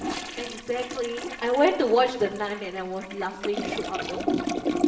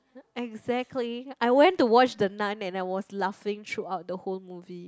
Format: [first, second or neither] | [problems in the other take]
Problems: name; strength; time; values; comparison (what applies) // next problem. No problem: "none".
second | background sound (Toilet flush); 4 dB below the speech // room echo; dies away in 0.8 s